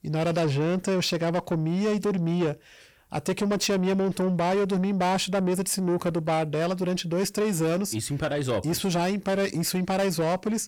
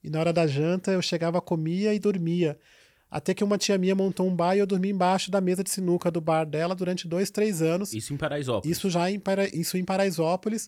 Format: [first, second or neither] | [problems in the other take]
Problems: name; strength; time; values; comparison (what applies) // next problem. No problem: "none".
second | distortion; slight; 10 dB below the speech